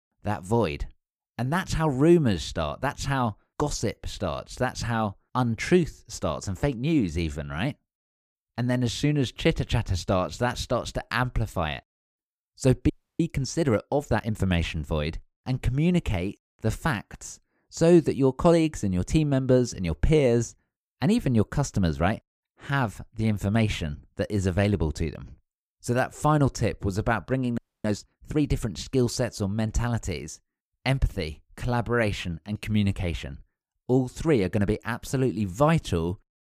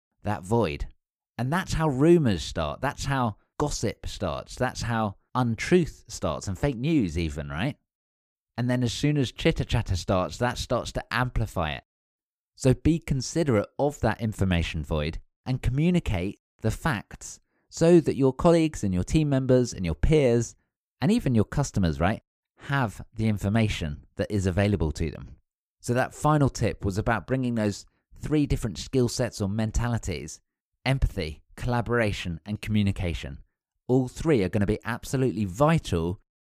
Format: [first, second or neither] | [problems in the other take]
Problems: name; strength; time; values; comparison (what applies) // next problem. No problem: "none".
second | audio freezing; at 13 s and at 28 s